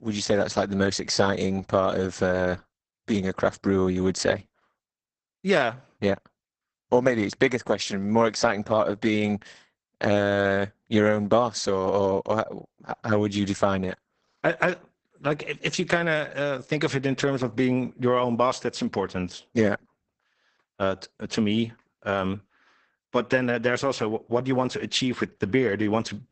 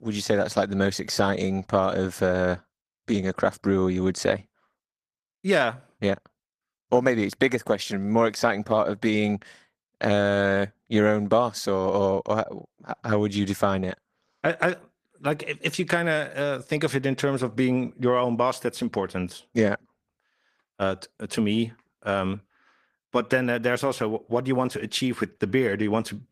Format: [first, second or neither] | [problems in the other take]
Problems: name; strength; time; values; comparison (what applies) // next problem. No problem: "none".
second | garbled, watery; badly; nothing above 8 kHz; slightly in the second